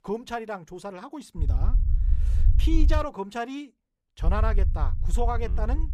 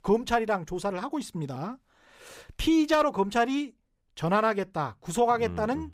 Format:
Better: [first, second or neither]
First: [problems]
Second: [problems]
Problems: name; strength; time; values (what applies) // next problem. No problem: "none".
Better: second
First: low rumble; noticeable; from 1.5 to 3 s and from 4 s on; 15 dB below the speech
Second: none